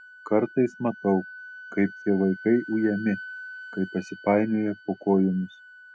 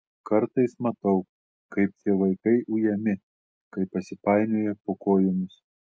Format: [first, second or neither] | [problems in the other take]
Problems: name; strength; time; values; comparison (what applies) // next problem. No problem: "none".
second | background sound (Wind instrument, woodwind instrument); 17 dB below the speech